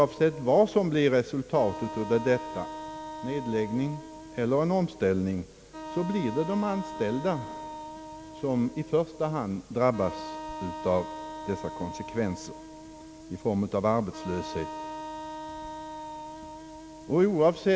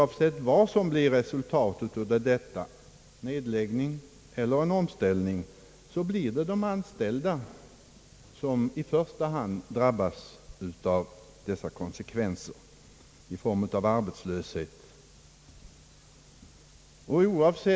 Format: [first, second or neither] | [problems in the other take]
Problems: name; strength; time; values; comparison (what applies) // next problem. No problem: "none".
second | background sound (Wind instrument, woodwind instrument); 12 dB below the speech